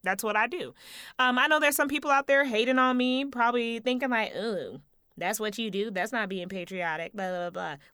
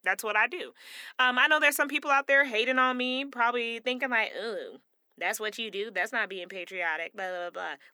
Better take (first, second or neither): first